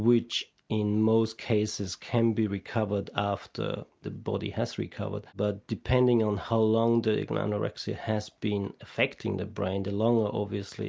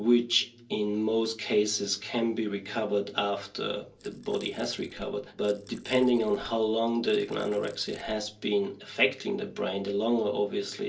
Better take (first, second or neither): first